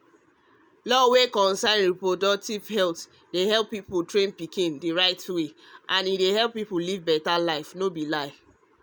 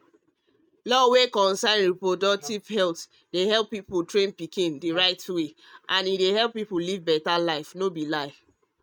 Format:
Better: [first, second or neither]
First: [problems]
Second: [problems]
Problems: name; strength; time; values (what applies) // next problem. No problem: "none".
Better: first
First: none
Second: noise reduction (neural mask model RNNoise)